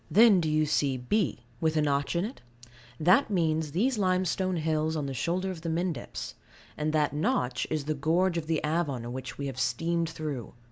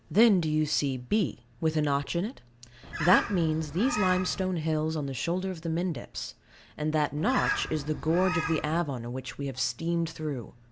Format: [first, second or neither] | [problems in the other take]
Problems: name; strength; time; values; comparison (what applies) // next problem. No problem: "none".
first | background sound (Bird); 6 dB below the speech